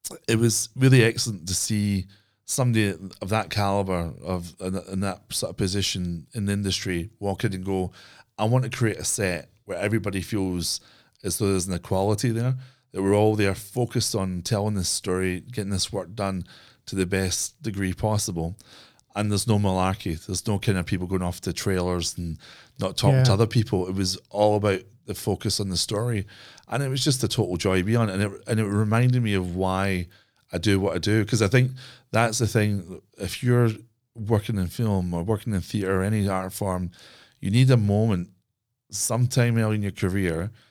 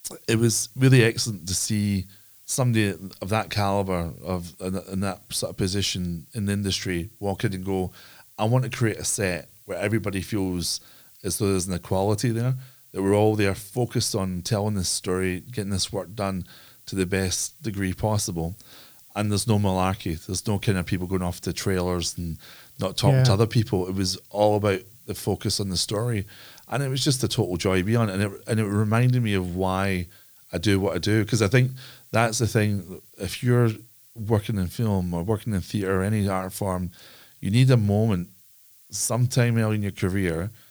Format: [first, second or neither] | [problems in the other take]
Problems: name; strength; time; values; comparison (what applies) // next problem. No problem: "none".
first | hiss; faint; throughout; 25 dB below the speech